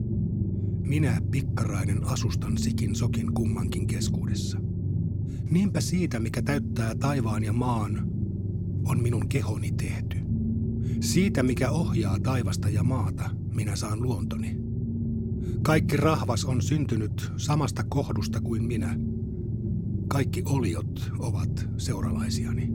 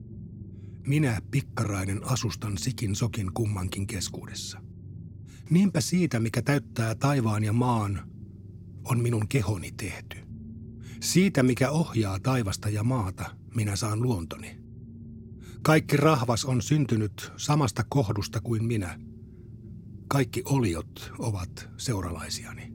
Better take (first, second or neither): second